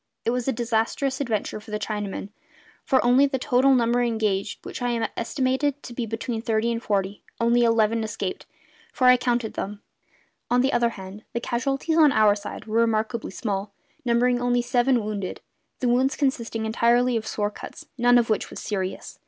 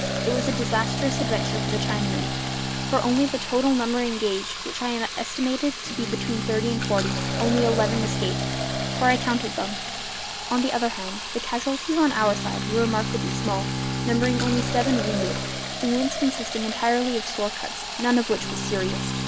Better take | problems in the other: first | background sound (Fill (with liquid) + Bowed string instrument); 2 dB below the speech

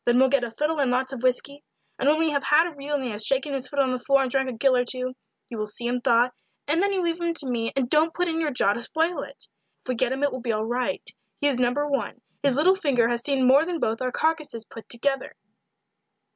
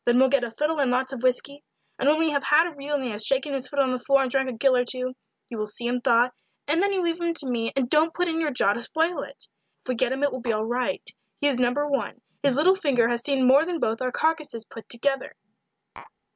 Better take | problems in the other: first | background sound (Tap); 18 dB below the speech

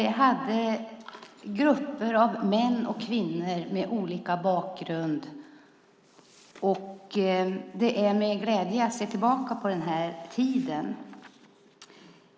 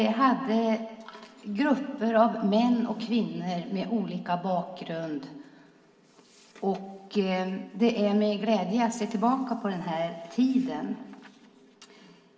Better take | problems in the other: first | room echo; dies away in 1.7 s

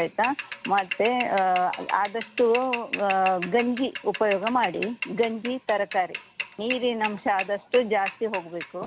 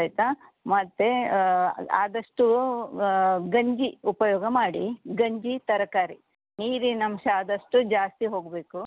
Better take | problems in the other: second | background sound (Mechanisms / Bicycle); 11 dB below the speech

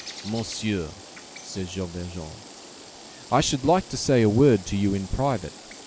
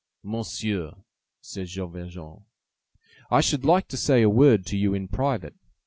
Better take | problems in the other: second | background sound (Bird + Water tap, faucet / Water); 17 dB below the speech

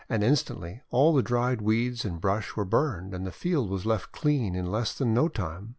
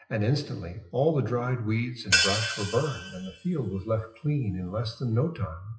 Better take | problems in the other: first | noise reduction (classical method WPE with log-MMSE)

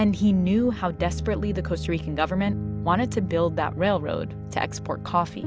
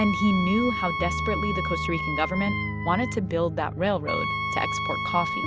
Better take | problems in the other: first | background sound (Wind instrument, woodwind instrument); 4 dB below the speech

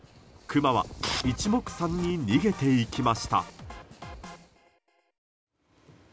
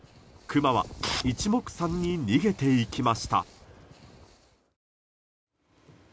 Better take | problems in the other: second | background sound (Drum kit); 16 dB below the speech

